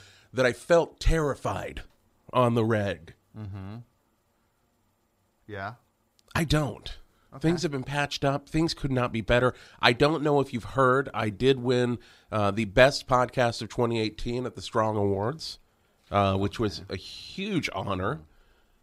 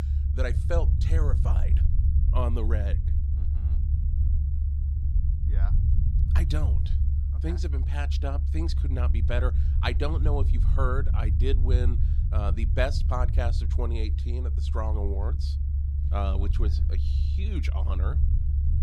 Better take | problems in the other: first | low rumble; loud; throughout; 8 dB below the speech

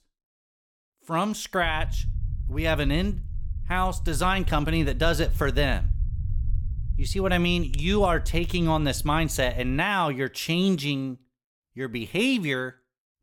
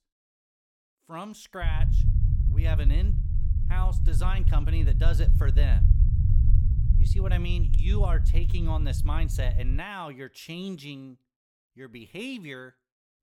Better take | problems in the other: first | low rumble; loud; from 1.5 to 10 s; 5 dB below the speech; faint in the first

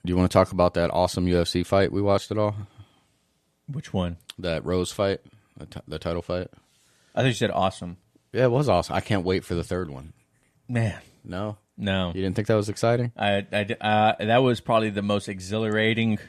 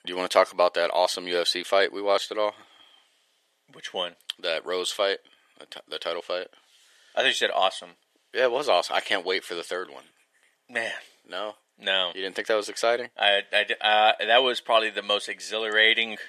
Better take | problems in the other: first | thin; very; fading below 450 Hz

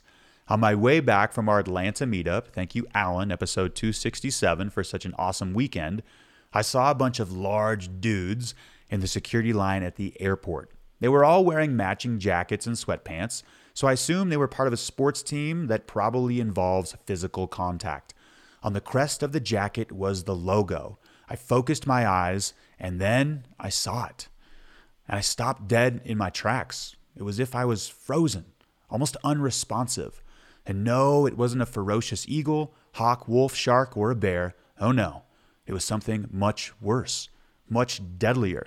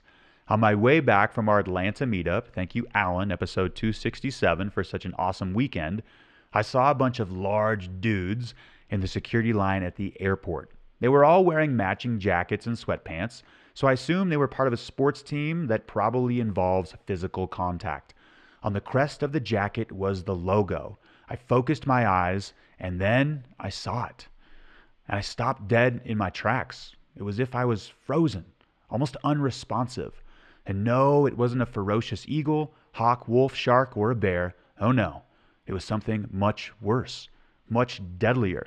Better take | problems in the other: first | muffled; slightly; fading above 2.5 kHz

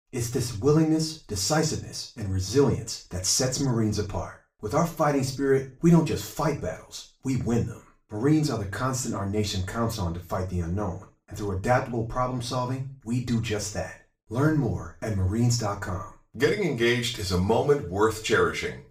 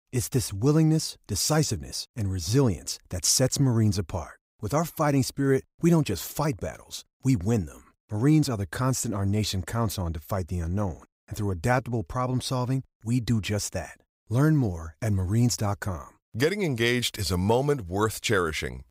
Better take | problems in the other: second | room echo; slight; dies away in 0.3 s // off-mic speech; far

